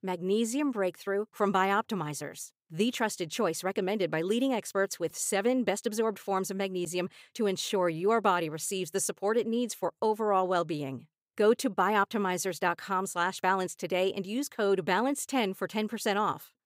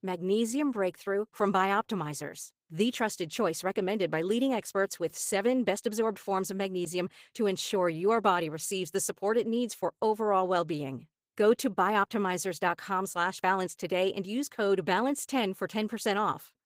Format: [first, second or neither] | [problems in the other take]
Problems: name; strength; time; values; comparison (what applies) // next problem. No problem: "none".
first | garbled, watery; slightly; nothing above 15.5 kHz